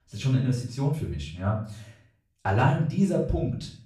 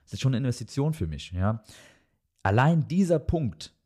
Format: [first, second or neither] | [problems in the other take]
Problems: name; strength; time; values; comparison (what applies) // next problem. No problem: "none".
second | off-mic speech; far // room echo; slight; dies away in 0.4 s